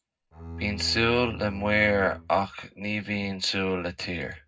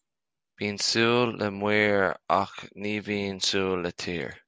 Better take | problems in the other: second | background sound (Bowed string instrument); 11 dB below the speech // room echo; dies away in 0.3 s

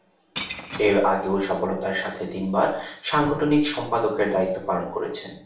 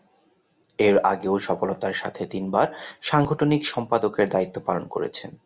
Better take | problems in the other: second | background sound (Shatter / Crushing); 15 dB below the speech // room echo; dies away in 0.5 s

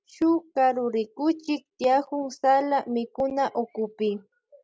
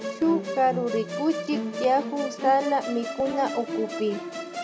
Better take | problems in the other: first | background sound (Musical instrument); 7 dB below the speech

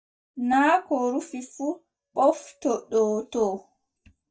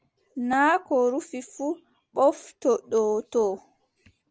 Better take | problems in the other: second | noise reduction (neural mask model DeepFilterNet 3)

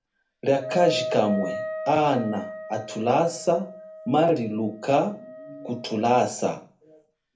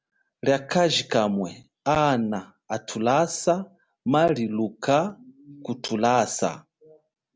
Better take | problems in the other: second | background sound (Wind instrument, woodwind instrument); 11 dB below the speech // room echo; dies away in 0.3 s

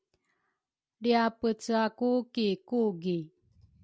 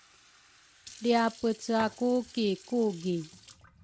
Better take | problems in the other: first | background sound (Fill (with liquid) / Sink (filling or washing)); 19 dB below the speech

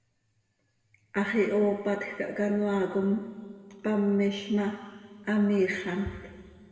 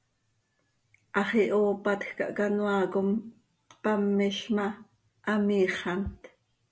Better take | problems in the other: second | room echo; dies away in 2.1 s

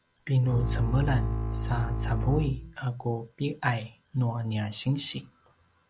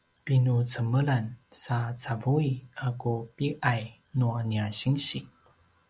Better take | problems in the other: second | background sound (Bowed string instrument); 1 dB below the speech

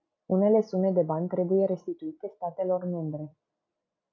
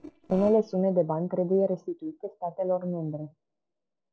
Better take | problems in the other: first | noise reduction (neural separator model SepFormer DNS4)

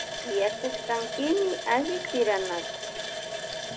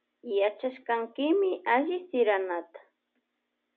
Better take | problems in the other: second | background sound (Water tap, faucet); 5 dB below the speech

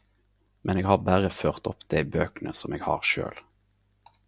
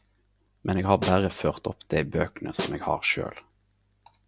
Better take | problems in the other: first | background sound (Snare drum); 11 dB below the speech

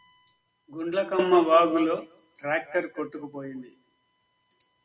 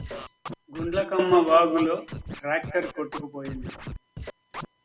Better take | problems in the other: first | background sound (Scratching (performance technique)); 13 dB below the speech

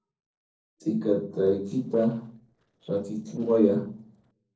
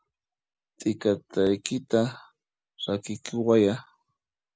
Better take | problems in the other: second | noise reduction (neural separator model SepFormer DNS4)

